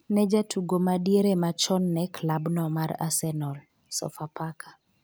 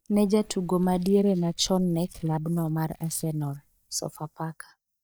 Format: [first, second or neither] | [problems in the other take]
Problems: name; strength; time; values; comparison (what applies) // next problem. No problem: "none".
first | noise reduction (neural mask model DeepFilterNet 3)